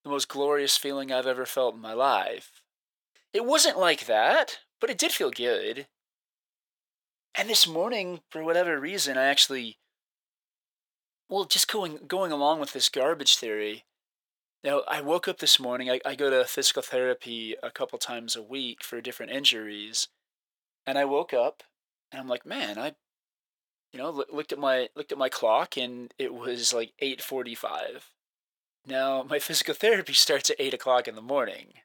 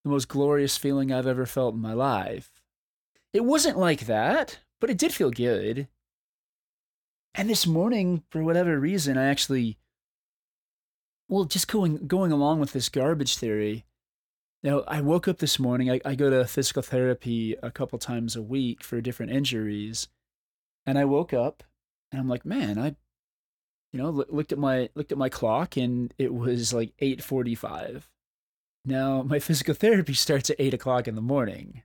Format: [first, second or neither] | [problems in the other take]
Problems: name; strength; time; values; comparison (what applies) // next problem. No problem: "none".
second | thin; very; fading below 600 Hz